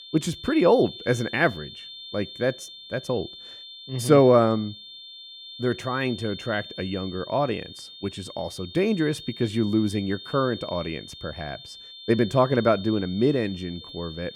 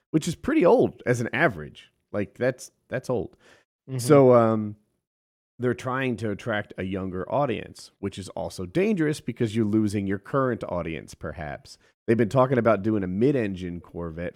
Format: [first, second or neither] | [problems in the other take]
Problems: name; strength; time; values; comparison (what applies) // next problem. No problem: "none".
second | high-pitched whine; noticeable; throughout; 3.5 kHz, 15 dB below the speech